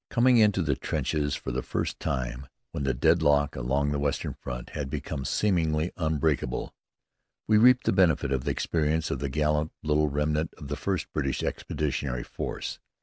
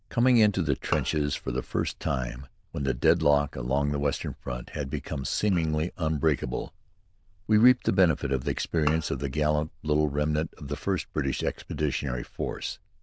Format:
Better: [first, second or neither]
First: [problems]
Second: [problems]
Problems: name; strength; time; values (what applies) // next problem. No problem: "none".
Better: first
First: none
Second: noise reduction (neural diffusion model UNIVERSE++)